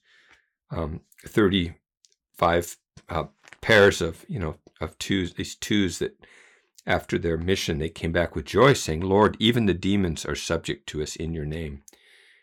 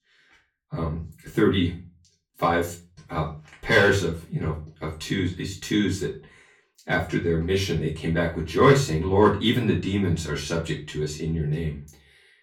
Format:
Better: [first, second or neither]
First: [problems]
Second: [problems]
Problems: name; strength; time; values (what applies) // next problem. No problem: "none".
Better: first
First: none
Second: room echo; slight; dies away in 0.3 s // off-mic speech; far